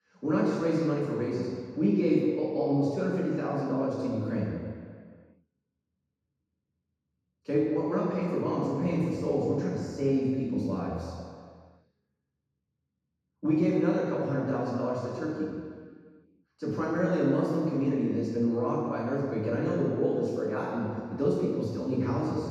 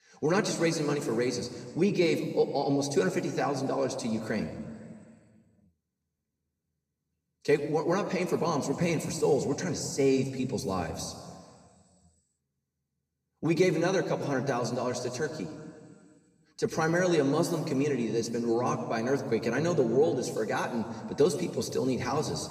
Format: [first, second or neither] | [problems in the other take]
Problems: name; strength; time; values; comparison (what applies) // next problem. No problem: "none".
second | room echo; strong; dies away in 1.9 s; slight in the second // off-mic speech; far; somewhat distant in the second